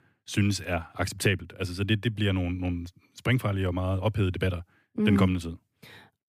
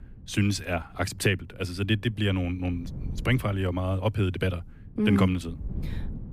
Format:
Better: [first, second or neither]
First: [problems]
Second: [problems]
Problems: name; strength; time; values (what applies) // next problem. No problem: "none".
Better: first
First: none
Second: wind noise on the microphone; occasional gusts; 25 dB below the speech